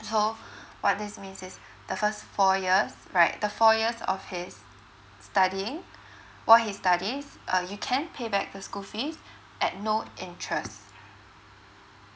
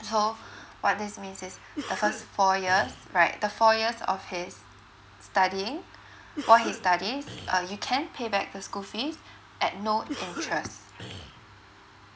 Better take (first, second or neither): first